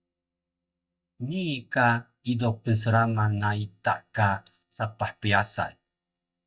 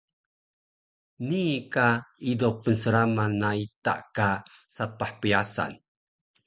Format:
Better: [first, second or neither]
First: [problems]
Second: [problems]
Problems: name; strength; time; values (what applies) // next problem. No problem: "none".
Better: second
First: noise reduction (neural mask model DeepFilterNet 3)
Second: none